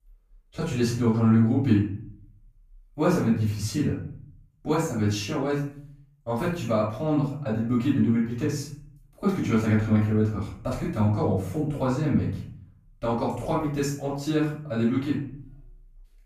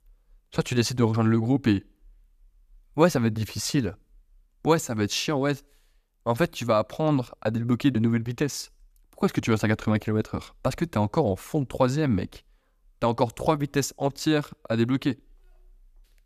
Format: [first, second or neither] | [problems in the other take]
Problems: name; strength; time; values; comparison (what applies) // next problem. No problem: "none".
second | off-mic speech; far // room echo; noticeable; dies away in 0.5 s